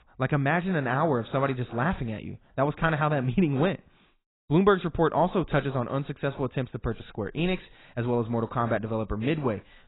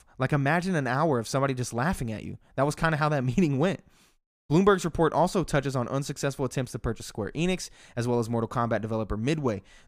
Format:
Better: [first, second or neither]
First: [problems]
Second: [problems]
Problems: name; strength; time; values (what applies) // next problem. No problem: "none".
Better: second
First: garbled, watery; badly; nothing above 4 kHz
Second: none